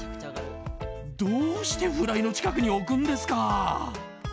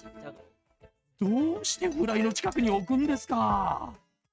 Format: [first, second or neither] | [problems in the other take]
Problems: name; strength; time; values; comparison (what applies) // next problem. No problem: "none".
first | noise reduction (neural mask model RNNoise)